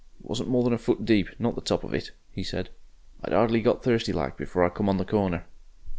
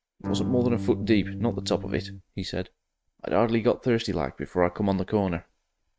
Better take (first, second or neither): first